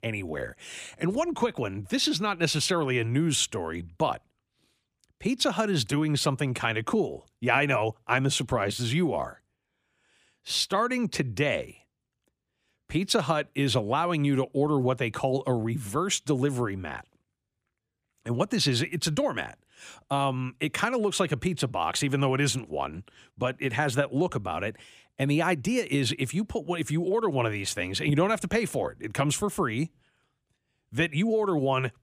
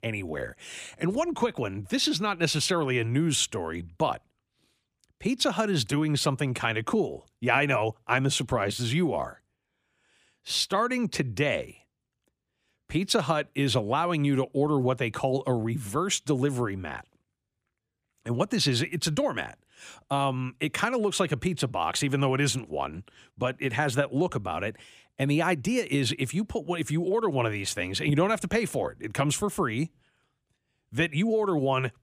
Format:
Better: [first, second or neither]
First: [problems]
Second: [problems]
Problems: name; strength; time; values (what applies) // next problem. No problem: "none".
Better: neither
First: none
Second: none